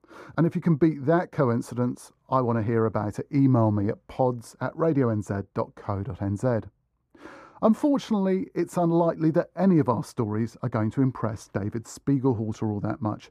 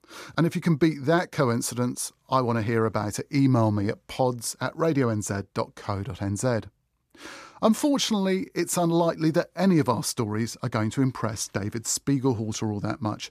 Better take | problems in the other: second | muffled; very; fading above 2 kHz

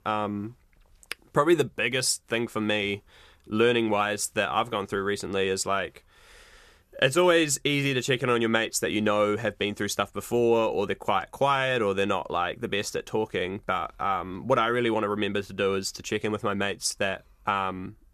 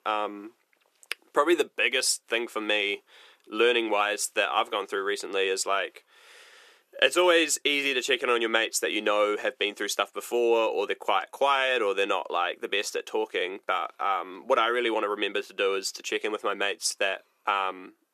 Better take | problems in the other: first | thin; somewhat; fading below 350 Hz

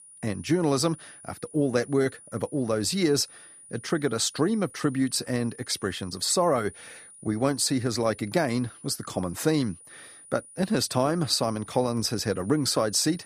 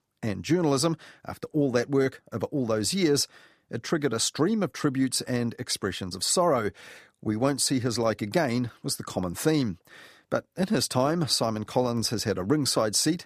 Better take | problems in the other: second | high-pitched whine; noticeable; throughout; 9.5 kHz, 20 dB below the speech

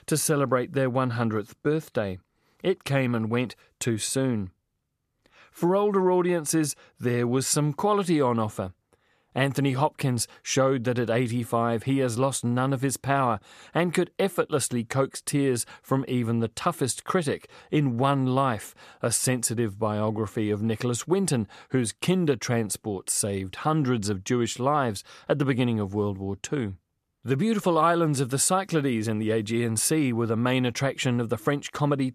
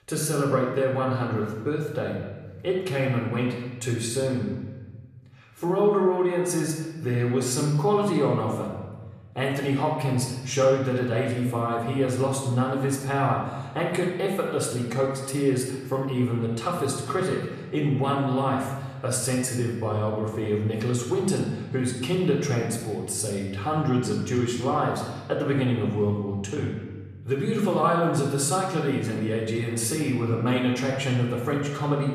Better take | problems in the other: first | off-mic speech; far // room echo; noticeable; dies away in 1.3 s

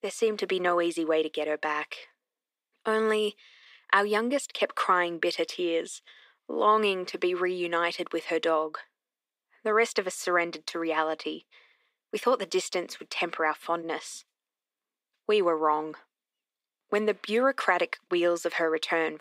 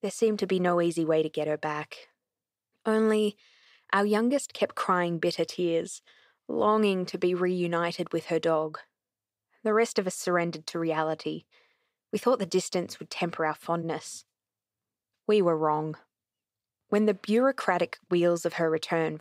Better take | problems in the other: second | thin; somewhat; fading below 250 Hz

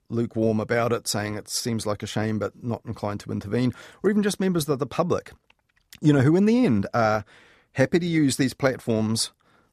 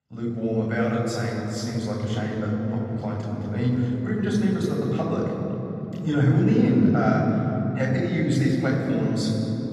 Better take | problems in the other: first | room echo; strong; dies away in 3 s // off-mic speech; far

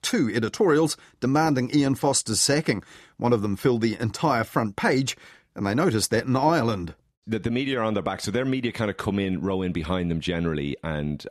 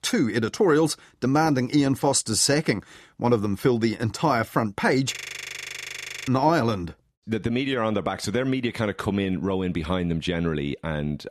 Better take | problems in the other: first | audio freezing; at 5 s for 1 s

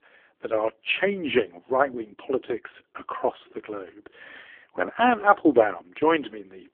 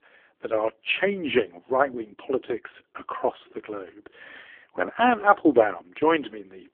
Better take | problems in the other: neither | phone-call audio; poor line; the same in both

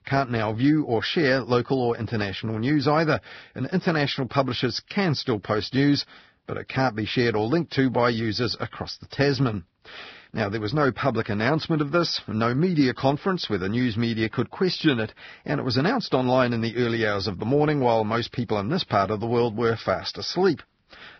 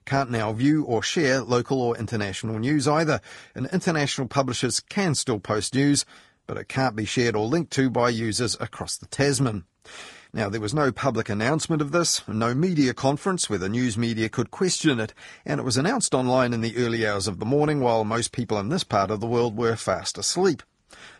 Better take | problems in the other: second | garbled, watery; badly; nothing above 5.5 kHz; slightly in the second

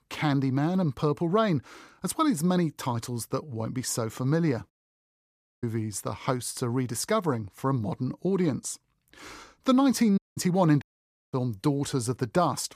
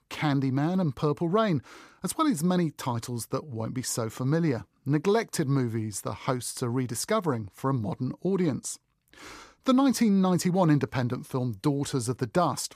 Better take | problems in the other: second | audio cutting out; at 4.5 s for 1 s, at 10 s and at 11 s for 0.5 s

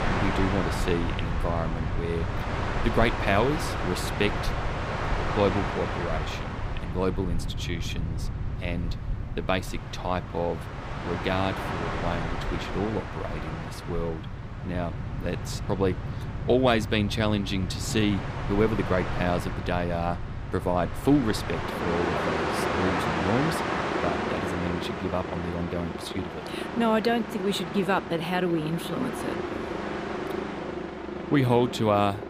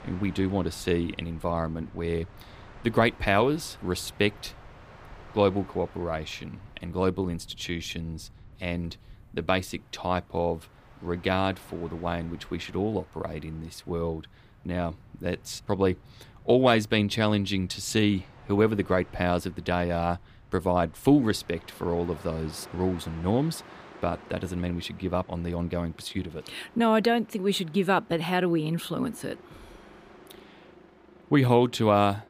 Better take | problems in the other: second | train or aircraft noise; loud; throughout; 3 dB below the speech; faint in the second

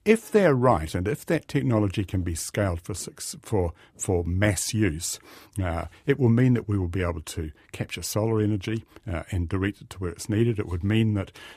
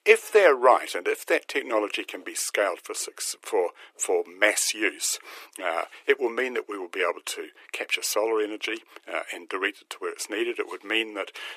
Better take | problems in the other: first | thin; very; fading below 400 Hz

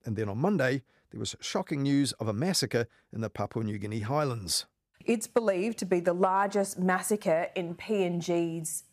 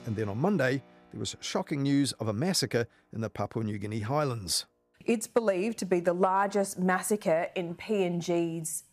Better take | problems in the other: first | background music; faint; throughout; 30 dB below the speech

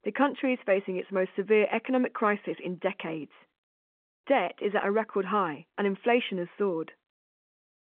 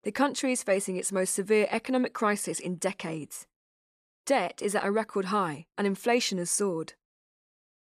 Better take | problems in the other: second | phone-call audio

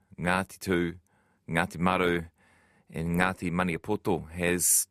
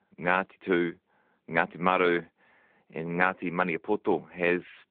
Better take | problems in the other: first | phone-call audio

